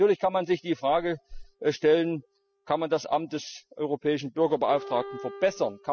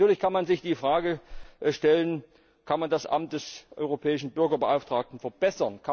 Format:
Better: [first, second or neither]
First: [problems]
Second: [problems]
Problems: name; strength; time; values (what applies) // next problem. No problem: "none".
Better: second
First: noise reduction (classical method spectral subtraction)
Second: none